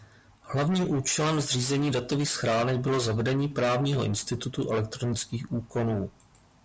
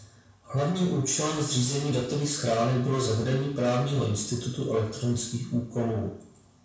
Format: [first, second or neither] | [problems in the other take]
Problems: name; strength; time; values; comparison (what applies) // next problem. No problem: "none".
first | room echo; dies away in 0.7 s